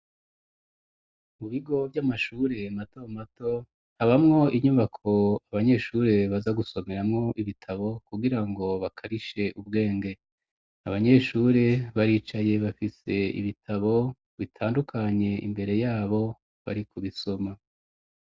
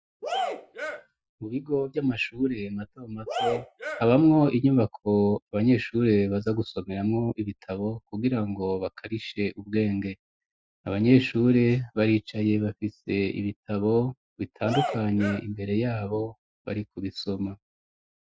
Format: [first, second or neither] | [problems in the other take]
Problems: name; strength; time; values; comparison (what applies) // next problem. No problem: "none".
first | noise reduction (classical method Wiener filter)